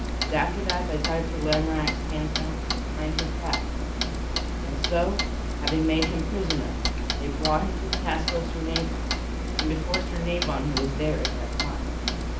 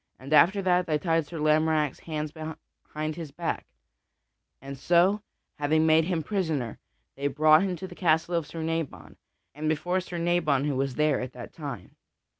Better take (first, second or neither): second